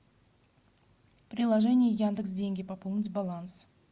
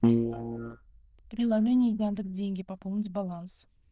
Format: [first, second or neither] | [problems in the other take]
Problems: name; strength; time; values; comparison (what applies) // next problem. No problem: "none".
first | noise reduction (neural diffusion model UNIVERSE++)